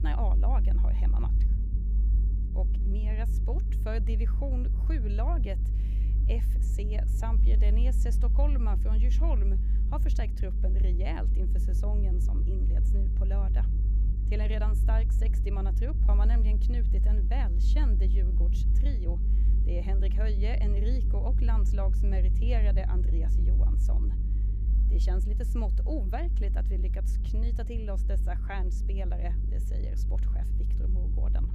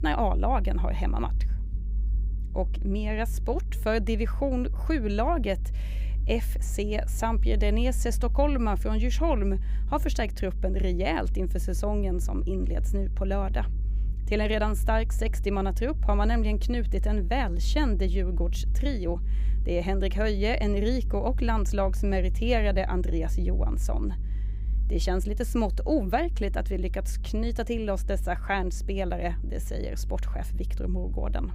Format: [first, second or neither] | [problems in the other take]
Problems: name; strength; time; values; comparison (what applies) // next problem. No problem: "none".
second | low rumble; loud; throughout; 6 dB below the speech; faint in the second